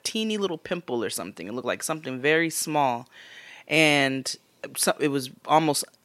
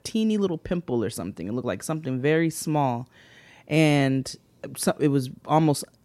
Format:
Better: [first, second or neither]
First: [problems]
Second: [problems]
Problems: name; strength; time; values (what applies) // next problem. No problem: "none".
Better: second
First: thin; somewhat; fading below 750 Hz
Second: none